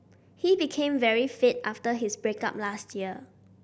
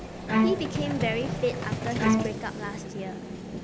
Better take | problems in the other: first | background sound (Vehicle + Bowed string instrument); 4 dB above the speech

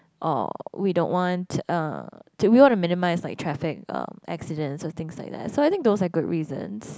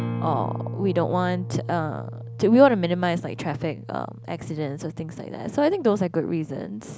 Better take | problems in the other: first | background sound (Acoustic guitar); 10 dB below the speech

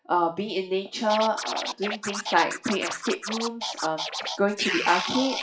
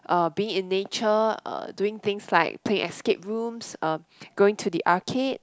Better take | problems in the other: second | noise reduction (classical method WPE with log-MMSE)

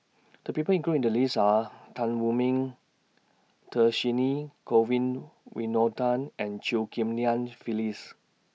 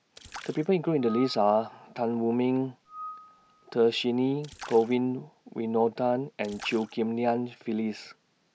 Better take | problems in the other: first | background sound (Screech / Glass + Splash, splatter); 20 dB below the speech

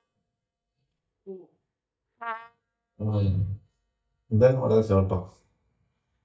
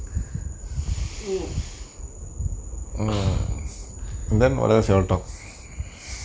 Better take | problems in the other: second | noise reduction (neural mask model DeepFilterNet 3)

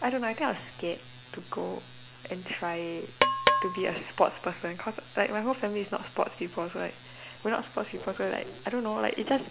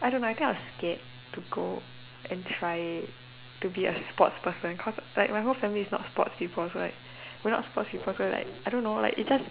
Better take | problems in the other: second | background sound (Percussion); 2 dB above the speech

